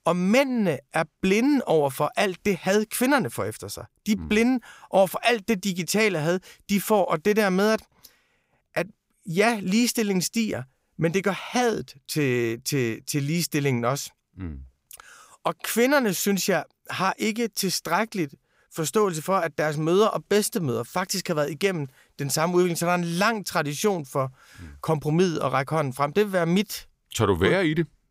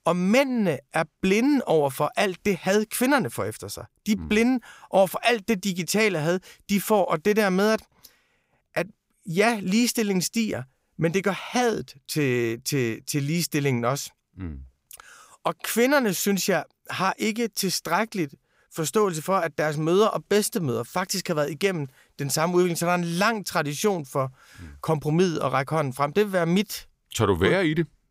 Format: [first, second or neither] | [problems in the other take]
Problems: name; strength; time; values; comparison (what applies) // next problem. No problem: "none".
neither | none